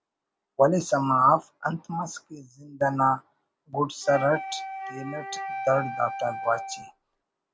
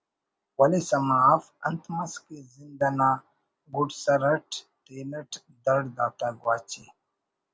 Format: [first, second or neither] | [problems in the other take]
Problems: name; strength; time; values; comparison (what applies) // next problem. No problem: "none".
second | background sound (Wind instrument, woodwind instrument); 9 dB below the speech